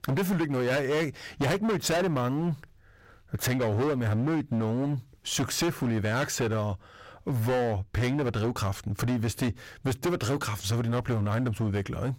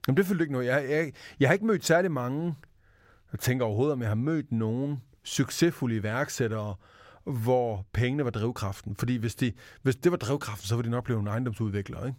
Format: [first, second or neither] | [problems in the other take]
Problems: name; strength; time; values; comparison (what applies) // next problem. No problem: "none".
second | distortion; heavy; 21% of the sound clipped